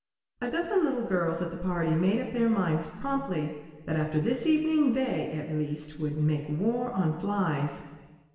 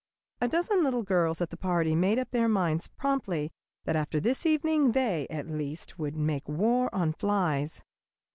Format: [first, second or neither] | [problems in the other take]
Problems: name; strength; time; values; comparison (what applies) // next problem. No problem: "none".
second | room echo; dies away in 1.5 s